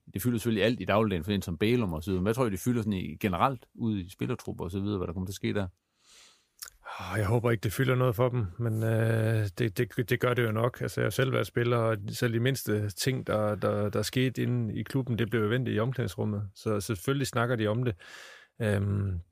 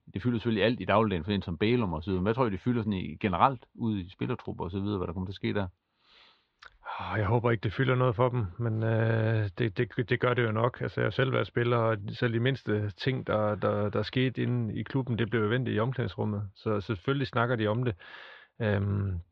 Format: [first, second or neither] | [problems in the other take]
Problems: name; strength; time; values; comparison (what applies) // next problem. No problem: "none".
first | muffled; slightly; fading above 4 kHz